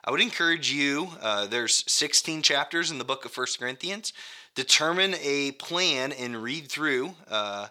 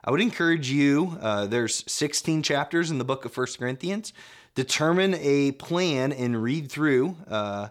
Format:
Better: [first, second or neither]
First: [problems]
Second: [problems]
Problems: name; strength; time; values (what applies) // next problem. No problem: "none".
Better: second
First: thin; somewhat; fading below 800 Hz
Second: none